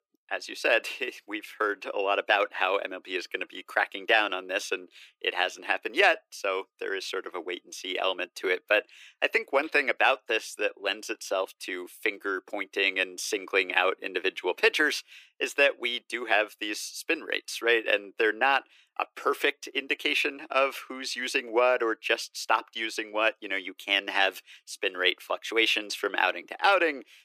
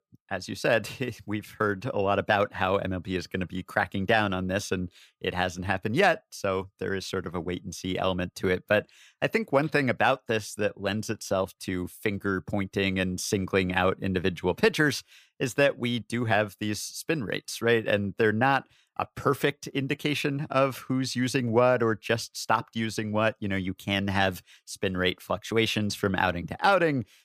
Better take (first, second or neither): second